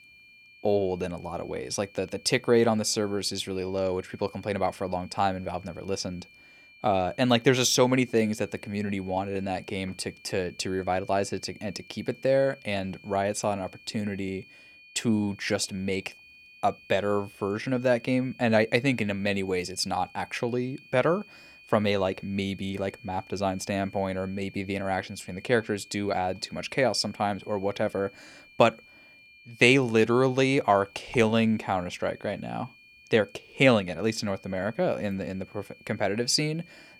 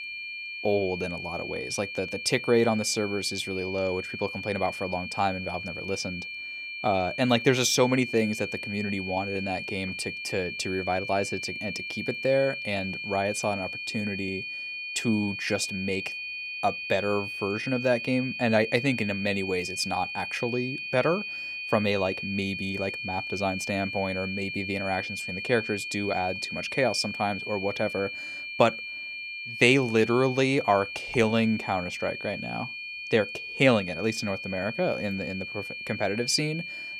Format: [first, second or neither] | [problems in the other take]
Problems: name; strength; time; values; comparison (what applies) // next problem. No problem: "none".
first | high-pitched whine; loud; throughout; 2.5 kHz, 6 dB below the speech; faint in the first